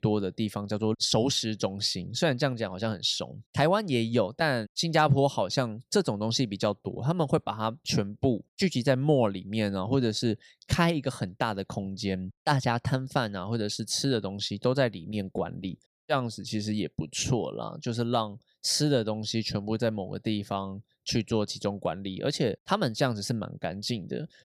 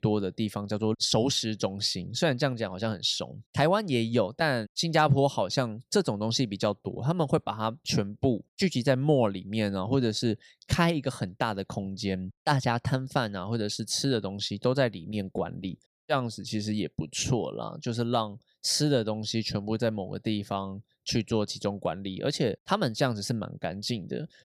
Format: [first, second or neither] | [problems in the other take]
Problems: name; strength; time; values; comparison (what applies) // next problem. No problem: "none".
neither | none